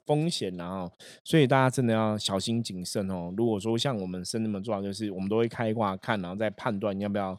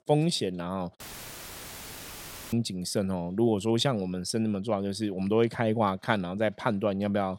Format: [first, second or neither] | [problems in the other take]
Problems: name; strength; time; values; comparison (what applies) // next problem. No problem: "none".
first | audio cutting out; filled with static; at 1 s for 1.5 s